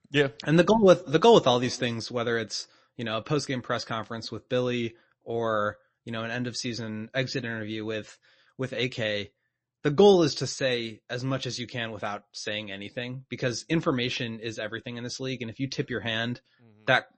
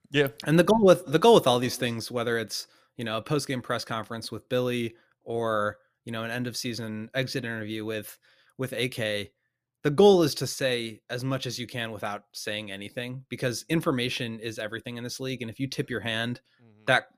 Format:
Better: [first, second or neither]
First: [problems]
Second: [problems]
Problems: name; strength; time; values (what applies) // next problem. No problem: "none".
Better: second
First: garbled, watery; slightly; nothing above 8 kHz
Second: none